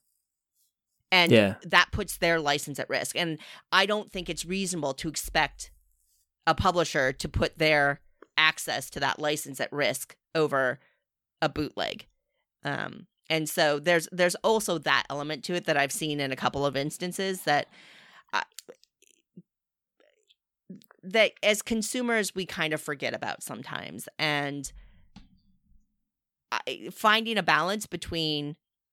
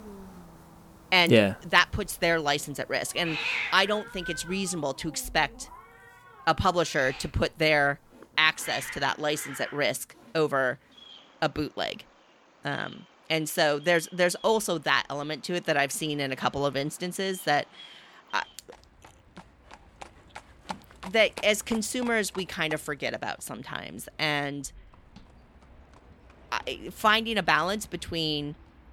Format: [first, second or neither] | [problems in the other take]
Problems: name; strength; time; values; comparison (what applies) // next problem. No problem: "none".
first | animal sounds; noticeable; throughout; 15 dB below the speech